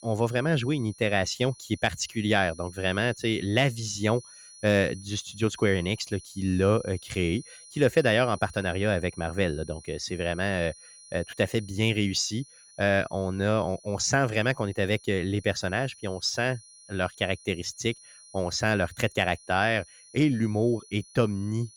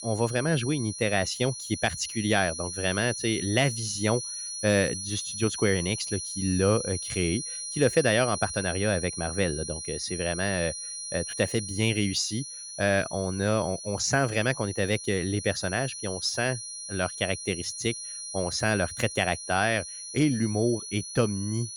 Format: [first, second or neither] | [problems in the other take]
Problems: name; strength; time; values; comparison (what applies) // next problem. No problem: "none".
first | high-pitched whine; loud; throughout; 10 kHz, 7 dB below the speech; faint in the first